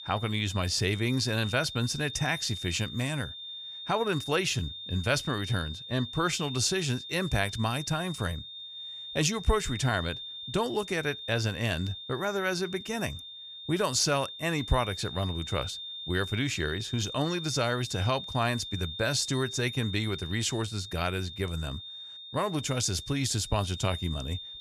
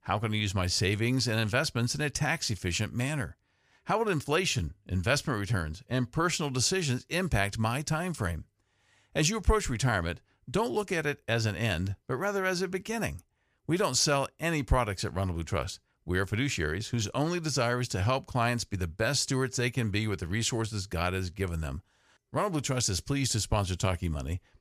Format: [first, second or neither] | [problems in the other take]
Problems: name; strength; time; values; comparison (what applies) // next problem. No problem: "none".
second | high-pitched whine; loud; throughout; 3.5 kHz, 9 dB below the speech